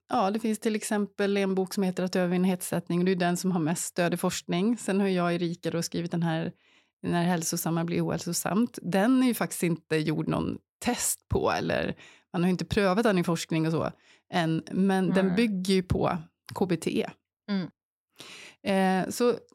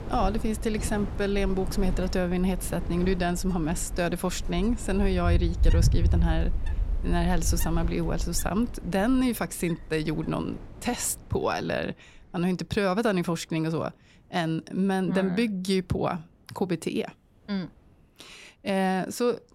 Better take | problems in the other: first | wind in the background; loud; throughout; 4 dB below the speech

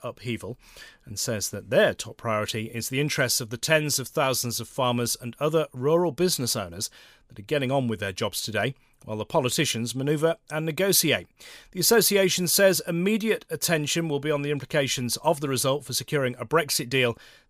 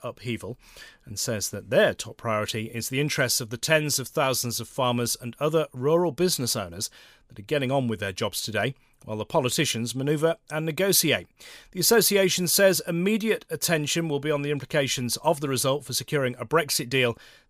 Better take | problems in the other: neither | none

